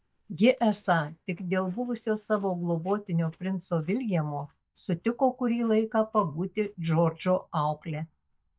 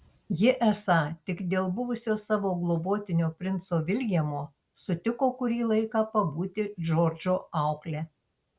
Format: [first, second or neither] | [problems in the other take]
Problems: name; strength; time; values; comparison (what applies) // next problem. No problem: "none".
second | noise reduction (neural mask model DeepFilterNet 3)